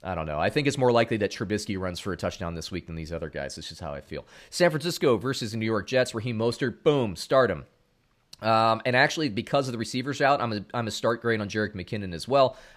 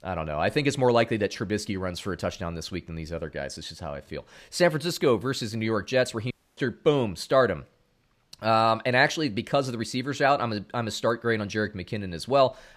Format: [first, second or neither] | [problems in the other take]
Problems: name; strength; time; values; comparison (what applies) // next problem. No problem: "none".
first | audio cutting out; at 6.5 s